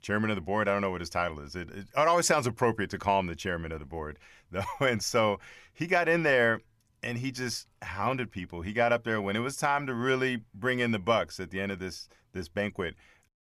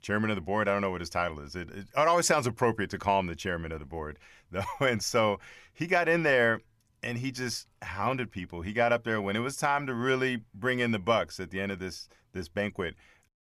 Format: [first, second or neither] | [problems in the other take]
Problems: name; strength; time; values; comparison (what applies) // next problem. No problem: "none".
neither | none